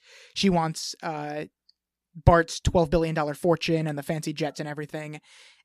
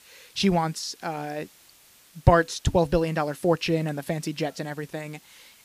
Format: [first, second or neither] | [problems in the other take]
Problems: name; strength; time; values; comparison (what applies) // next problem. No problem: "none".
first | hiss; faint; throughout; 25 dB below the speech